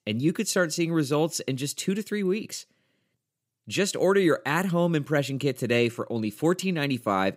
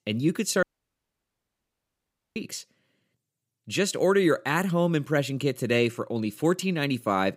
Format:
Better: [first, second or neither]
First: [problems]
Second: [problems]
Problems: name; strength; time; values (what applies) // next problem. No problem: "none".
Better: first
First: none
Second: audio cutting out; at 0.5 s for 1.5 s